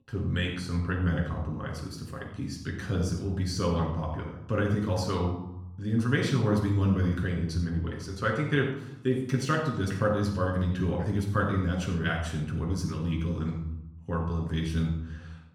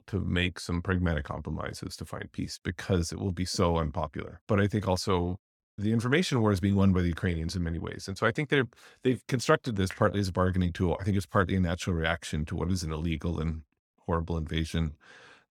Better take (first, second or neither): second